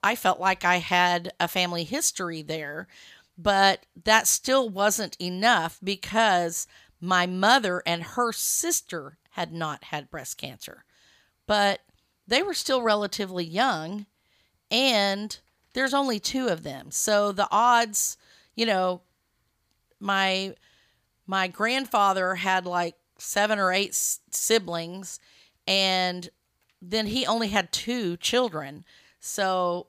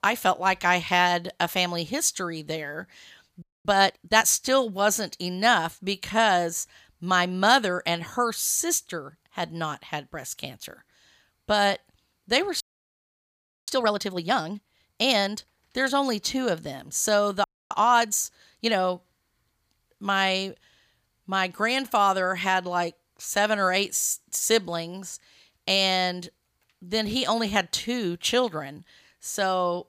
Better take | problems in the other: first | audio freezing; at 3.5 s, at 13 s for 1 s and at 17 s

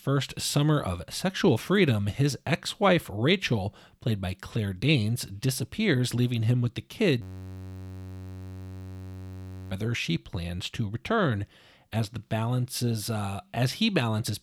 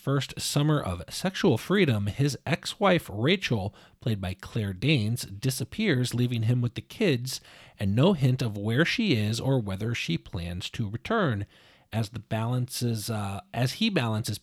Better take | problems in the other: second | audio freezing; at 7 s for 2.5 s

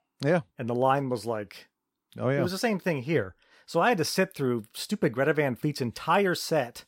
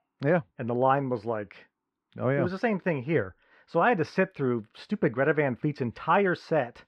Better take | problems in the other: first | muffled; very; fading above 2 kHz

